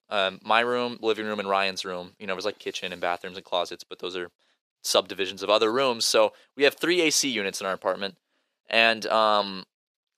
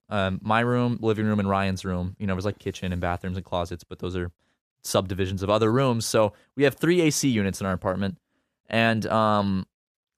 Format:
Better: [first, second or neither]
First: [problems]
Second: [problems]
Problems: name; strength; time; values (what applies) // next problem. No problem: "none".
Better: second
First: thin; somewhat; fading below 450 Hz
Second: none